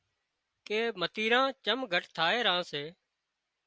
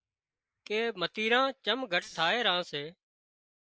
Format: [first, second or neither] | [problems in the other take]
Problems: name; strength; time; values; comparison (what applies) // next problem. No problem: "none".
first | noise reduction (neural mask model Resemble Enhance denoiser)